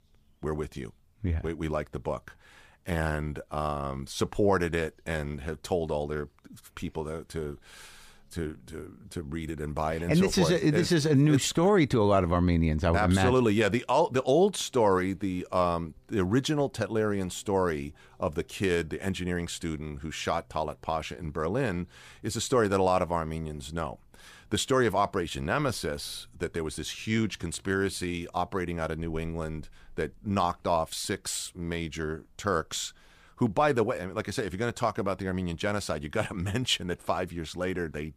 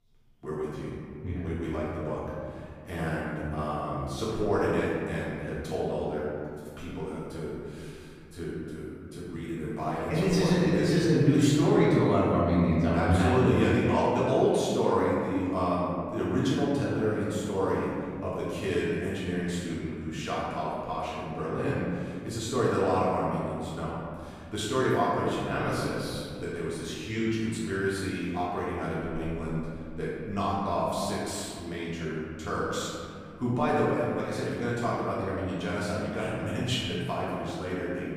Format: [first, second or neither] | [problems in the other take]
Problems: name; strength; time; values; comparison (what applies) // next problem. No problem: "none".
first | room echo; strong; dies away in 2.4 s // off-mic speech; far